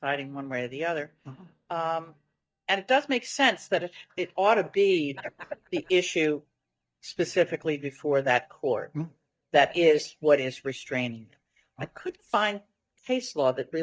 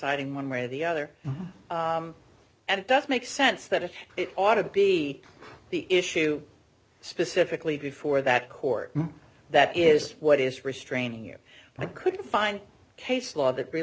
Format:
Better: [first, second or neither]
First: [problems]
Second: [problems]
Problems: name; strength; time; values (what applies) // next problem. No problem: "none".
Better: second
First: noise reduction (neural mask model DeepFilterNet 3)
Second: none